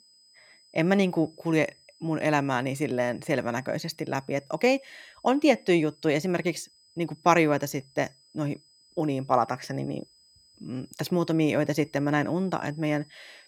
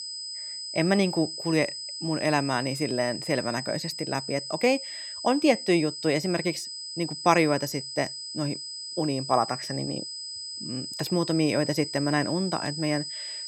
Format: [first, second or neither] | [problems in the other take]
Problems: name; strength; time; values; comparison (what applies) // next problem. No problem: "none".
first | high-pitched whine; loud; throughout; 5 kHz, 7 dB below the speech; faint in the first